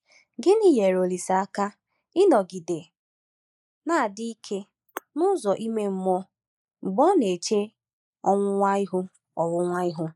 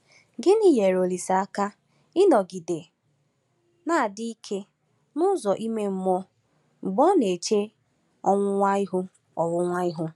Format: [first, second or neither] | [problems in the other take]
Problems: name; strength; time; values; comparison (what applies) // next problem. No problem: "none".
second | noise reduction (neural mask model Resemble Enhance denoiser)